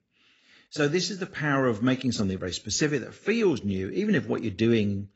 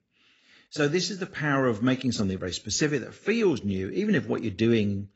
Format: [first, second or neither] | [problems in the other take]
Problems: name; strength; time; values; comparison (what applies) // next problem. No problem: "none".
neither | garbled, watery; badly; nothing above 7.5 kHz; the same in both